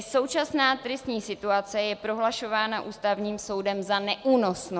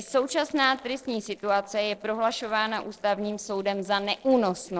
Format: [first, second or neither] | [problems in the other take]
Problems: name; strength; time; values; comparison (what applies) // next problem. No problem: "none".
first | noise reduction (neural separator model SepFormer DNS4)